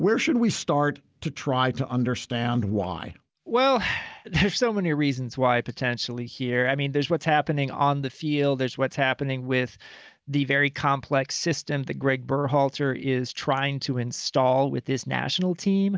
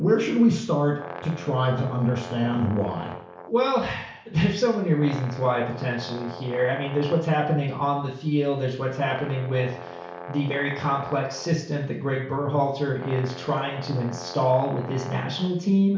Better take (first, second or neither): first